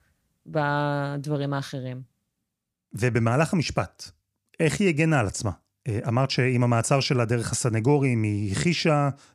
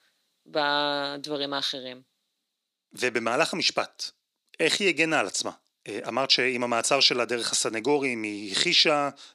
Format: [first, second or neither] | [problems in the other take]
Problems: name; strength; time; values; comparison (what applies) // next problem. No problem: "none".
first | thin; somewhat; fading below 300 Hz